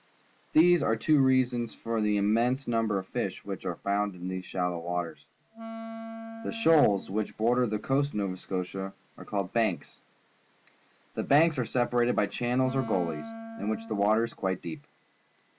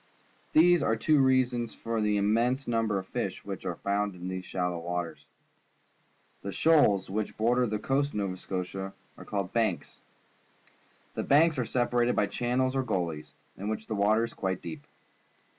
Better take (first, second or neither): second